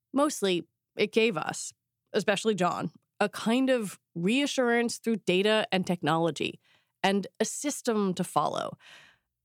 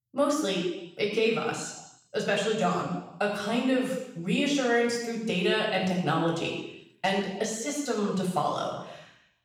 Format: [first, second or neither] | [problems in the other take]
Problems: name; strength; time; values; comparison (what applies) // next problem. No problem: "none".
first | room echo; noticeable; dies away in 0.9 s // off-mic speech; far